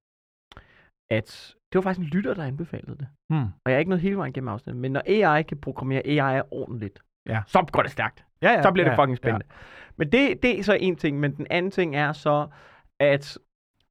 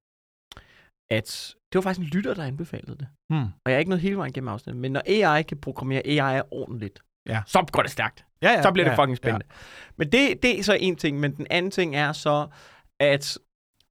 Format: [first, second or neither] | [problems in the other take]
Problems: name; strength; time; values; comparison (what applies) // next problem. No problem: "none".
second | muffled; slightly; fading above 3.5 kHz